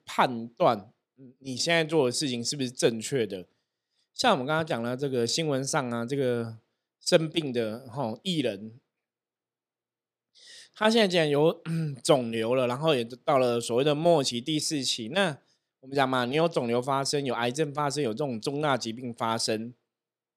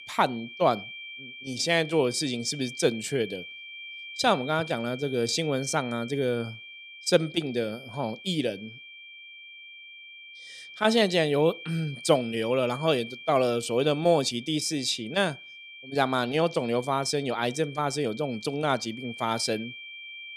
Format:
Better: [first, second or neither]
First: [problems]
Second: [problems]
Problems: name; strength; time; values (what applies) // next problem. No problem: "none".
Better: first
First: none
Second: high-pitched whine; noticeable; throughout; 2.5 kHz, 15 dB below the speech